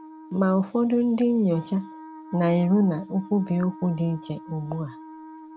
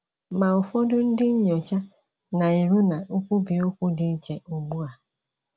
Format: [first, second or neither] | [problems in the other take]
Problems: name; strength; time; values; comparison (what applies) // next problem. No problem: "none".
second | background sound (Wind instrument, woodwind instrument); 18 dB below the speech